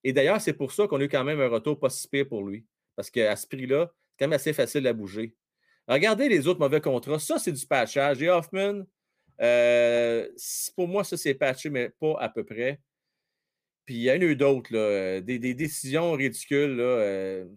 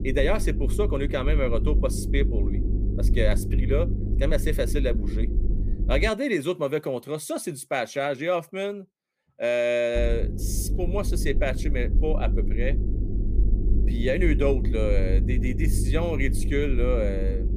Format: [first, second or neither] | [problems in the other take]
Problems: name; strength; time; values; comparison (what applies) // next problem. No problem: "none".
first | low rumble; noticeable; until 6 s and from 10 s on; 10 dB below the speech